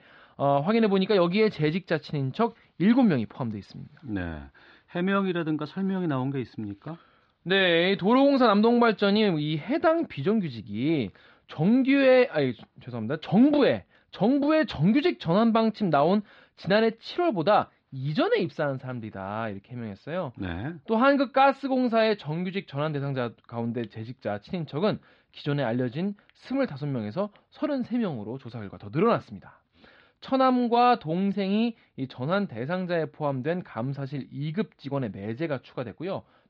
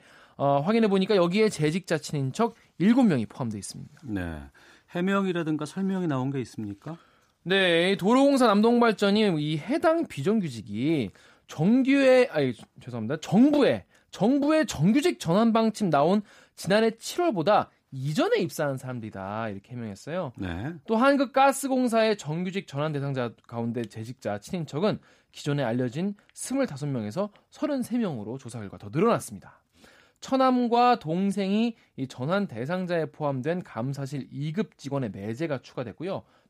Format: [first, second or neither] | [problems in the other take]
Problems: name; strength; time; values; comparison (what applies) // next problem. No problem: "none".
second | muffled; very slightly; fading above 4 kHz